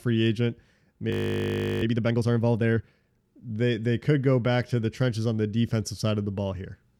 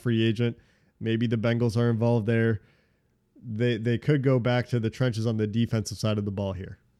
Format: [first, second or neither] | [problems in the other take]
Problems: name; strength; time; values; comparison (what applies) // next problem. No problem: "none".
second | audio freezing; at 1 s for 0.5 s